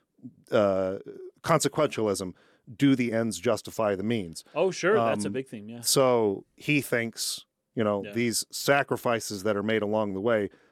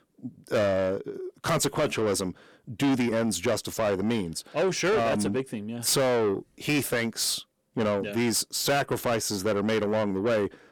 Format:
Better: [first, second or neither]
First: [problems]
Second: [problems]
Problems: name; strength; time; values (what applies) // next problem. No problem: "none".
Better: first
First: none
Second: distortion; heavy; 7 dB below the speech